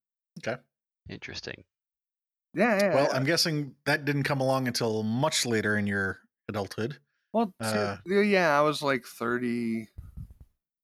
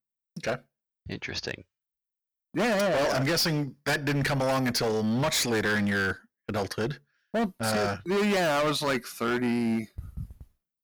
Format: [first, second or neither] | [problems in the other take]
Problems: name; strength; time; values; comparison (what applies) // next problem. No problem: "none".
first | distortion; heavy; 17% of the sound clipped